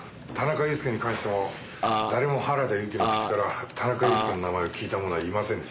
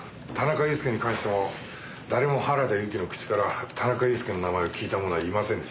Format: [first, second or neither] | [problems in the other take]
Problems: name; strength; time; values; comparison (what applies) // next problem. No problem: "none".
second | background sound (Burping, eructation); 3 dB above the speech